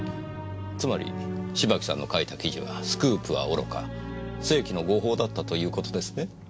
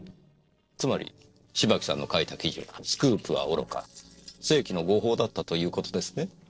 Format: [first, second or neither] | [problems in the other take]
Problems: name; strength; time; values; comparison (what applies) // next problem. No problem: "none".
first | noise reduction (neural separator model SepFormer DNS4)